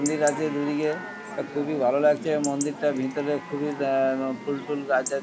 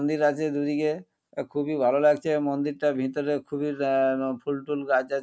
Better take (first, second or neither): second